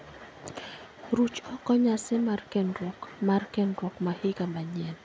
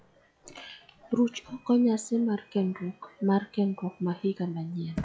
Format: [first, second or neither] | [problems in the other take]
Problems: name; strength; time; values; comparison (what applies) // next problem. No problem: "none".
first | noise reduction (classical method log-MMSE)